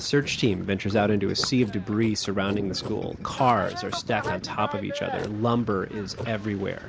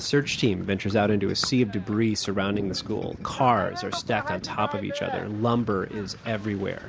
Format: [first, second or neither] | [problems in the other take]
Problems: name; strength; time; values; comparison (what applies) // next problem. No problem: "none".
second | background sound (Writing); 17 dB below the speech